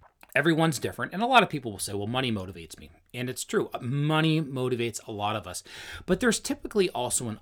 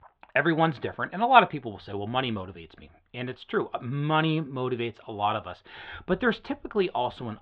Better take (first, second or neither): first